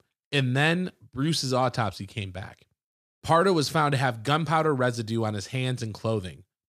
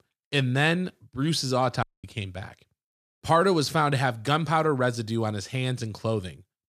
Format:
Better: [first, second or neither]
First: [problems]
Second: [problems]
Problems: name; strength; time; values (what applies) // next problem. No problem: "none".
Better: first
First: none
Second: audio cutting out; at 2 s